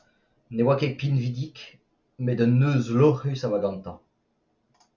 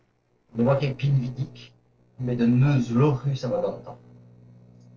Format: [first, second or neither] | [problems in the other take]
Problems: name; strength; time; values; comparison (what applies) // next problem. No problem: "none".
first | noise reduction (neural separator model SepFormer DNS4)